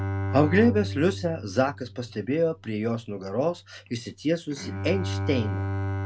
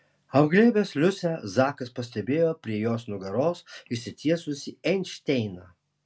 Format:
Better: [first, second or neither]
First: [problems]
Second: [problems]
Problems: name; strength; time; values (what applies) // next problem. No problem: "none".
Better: second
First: background sound (Bowed string instrument); 5 dB below the speech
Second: none